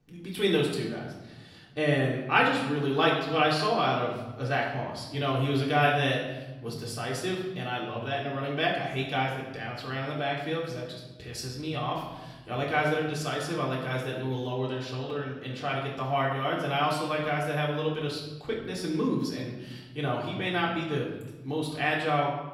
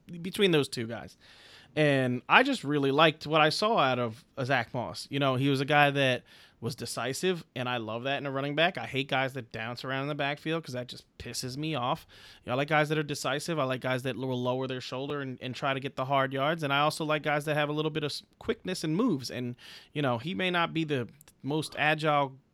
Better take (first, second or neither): second